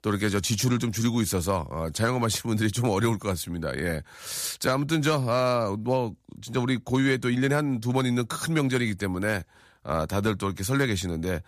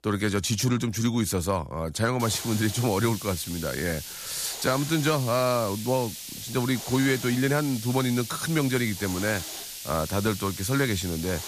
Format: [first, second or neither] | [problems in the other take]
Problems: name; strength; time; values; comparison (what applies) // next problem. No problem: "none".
first | hiss; loud; from 2 s on; 9 dB below the speech